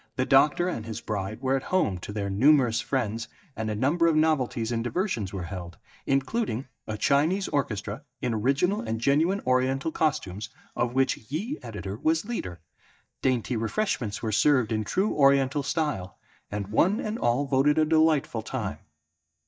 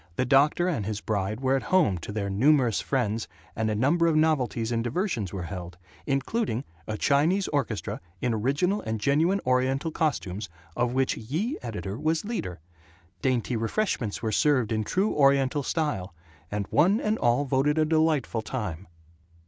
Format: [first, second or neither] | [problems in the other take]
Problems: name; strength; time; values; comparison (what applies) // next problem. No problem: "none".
second | noise reduction (neural mask model DeepFilterNet 3)